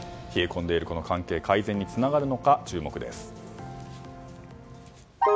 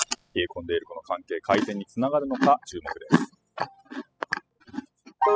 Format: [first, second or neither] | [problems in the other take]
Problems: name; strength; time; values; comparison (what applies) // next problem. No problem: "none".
first | noise reduction (classical method spectral subtraction)